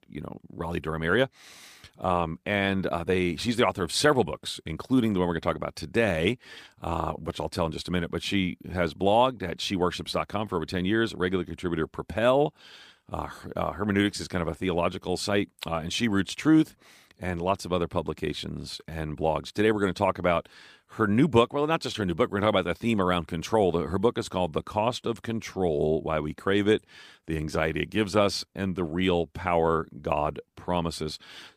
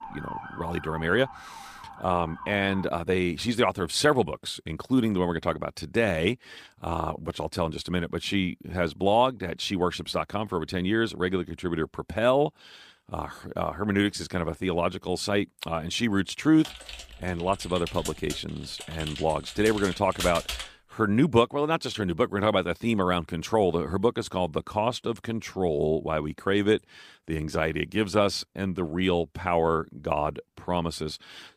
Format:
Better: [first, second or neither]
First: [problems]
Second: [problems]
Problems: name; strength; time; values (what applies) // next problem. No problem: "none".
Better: first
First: none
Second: siren; faint; until 3 s; peak 10 dB below the speech // keyboard typing; noticeable; from 17 to 21 s; peak 4 dB below the speech